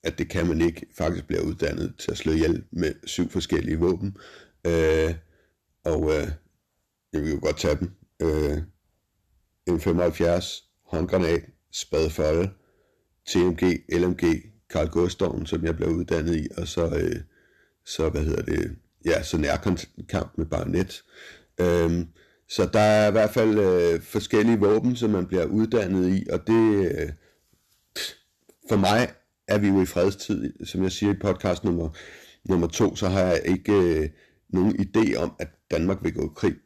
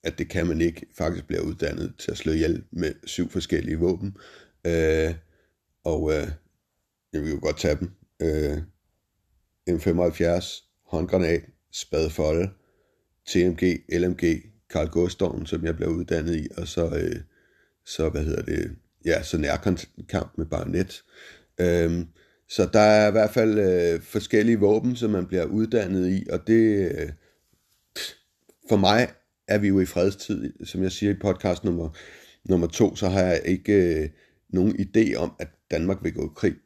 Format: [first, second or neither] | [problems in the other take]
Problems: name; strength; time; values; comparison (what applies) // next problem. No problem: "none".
second | distortion; slight; 4% of the sound clipped